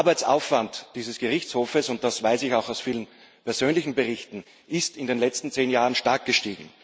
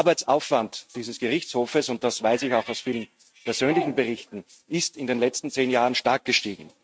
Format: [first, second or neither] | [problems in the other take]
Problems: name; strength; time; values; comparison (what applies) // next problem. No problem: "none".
first | noise reduction (neural mask model RNNoise)